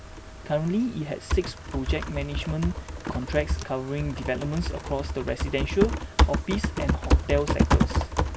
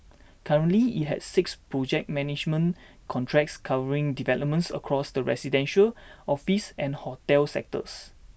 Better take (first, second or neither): second